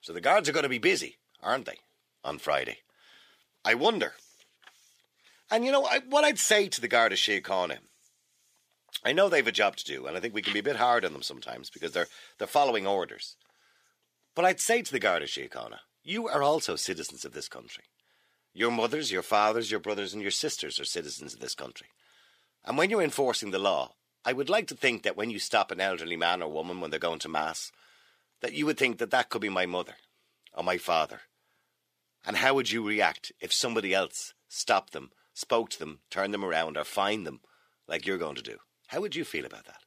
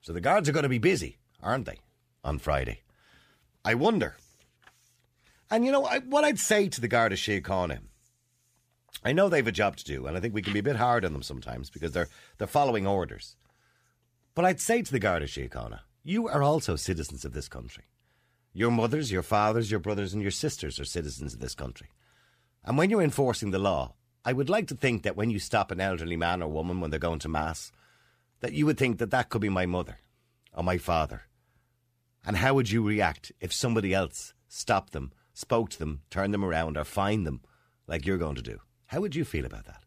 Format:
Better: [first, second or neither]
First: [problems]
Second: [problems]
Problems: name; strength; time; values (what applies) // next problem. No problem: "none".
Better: second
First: thin; somewhat; fading below 350 Hz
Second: none